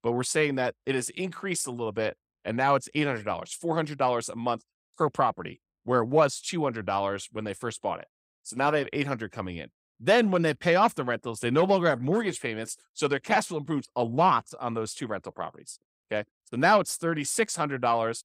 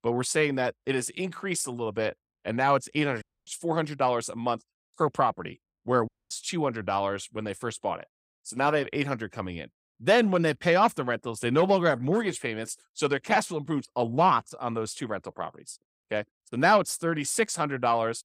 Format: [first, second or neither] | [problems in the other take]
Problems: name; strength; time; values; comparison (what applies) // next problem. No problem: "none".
first | audio cutting out; at 3 s and at 6 s